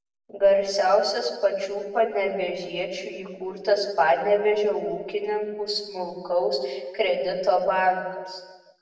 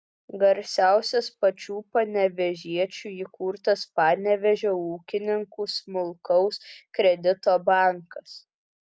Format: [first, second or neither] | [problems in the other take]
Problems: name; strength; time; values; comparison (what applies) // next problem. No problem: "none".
second | room echo; dies away in 1.1 s